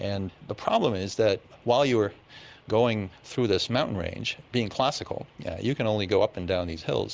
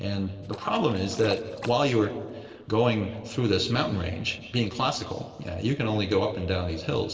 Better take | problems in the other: first | noise reduction (neural separator model SepFormer DNS4)

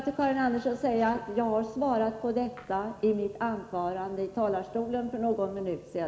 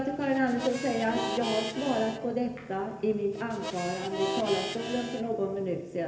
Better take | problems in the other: first | background sound (Harmonica); 7 dB below the speech // room echo; dies away in 1.4 s

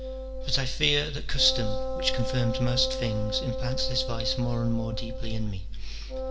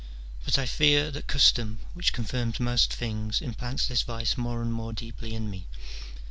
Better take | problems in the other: second | background sound (Wind instrument, woodwind instrument); 9 dB below the speech // room echo; dies away in 1.3 s

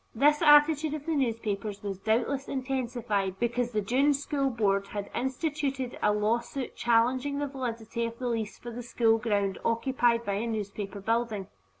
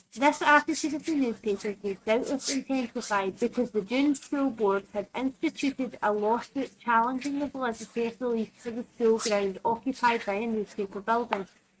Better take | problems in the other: first | noise reduction (neural mask model RNNoise)

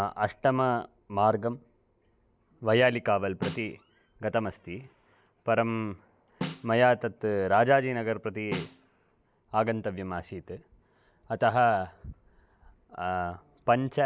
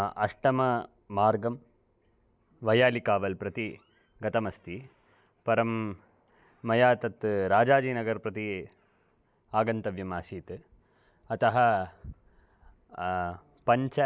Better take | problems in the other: second | background sound (Snare drum); 11 dB below the speech

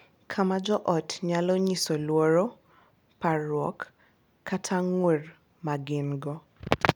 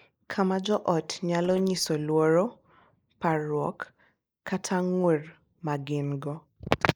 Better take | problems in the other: first | noise reduction (neural mask model Resemble Enhance denoiser)

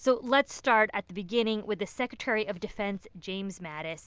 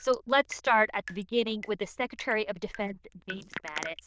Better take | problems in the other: first | noise reduction (neural diffusion model UNIVERSE++)

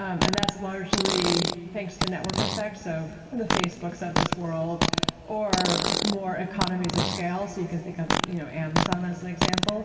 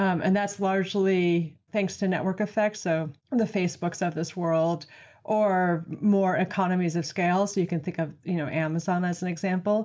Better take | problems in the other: second | background sound (Fart); 2 dB above the speech // room echo; dies away in 2.4 s

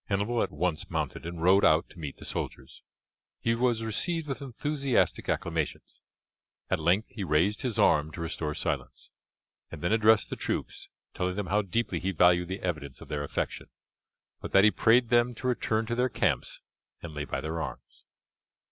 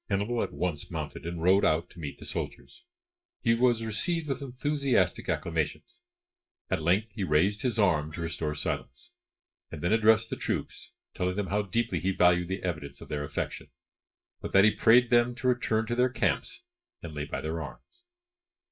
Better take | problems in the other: first | noise reduction (neural mask model DeepFilterNet 3)

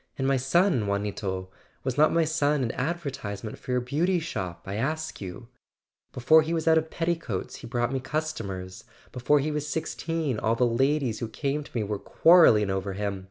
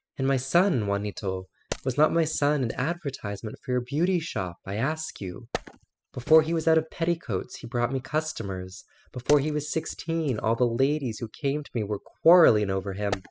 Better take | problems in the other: first | noise reduction (classical method spectral subtraction)

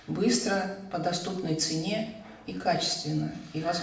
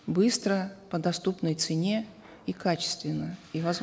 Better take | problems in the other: second | room echo; dies away in 0.6 s

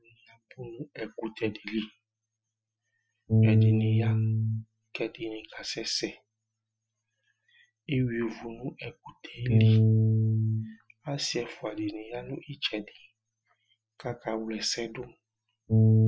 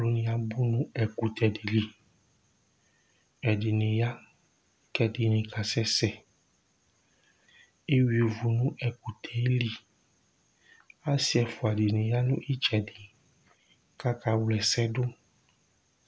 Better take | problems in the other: second | noise reduction (classical method Wiener filter)

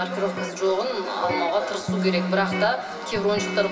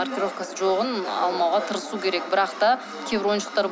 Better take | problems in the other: second | background sound (Electric guitar); 6 dB below the speech // room echo; dies away in 2 s

